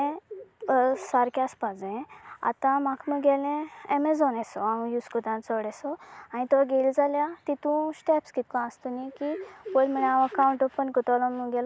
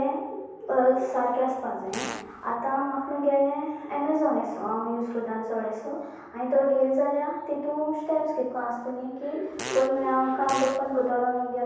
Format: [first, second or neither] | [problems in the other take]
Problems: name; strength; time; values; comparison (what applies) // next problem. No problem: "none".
first | background sound (Fart); 11 dB below the speech // room echo; dies away in 1.1 s